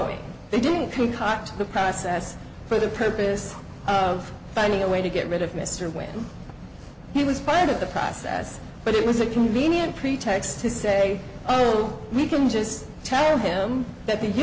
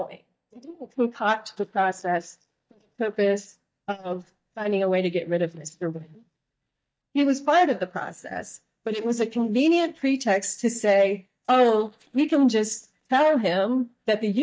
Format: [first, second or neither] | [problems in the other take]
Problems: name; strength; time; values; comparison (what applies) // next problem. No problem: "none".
first | noise reduction (neural mask model DeepFilterNet 3)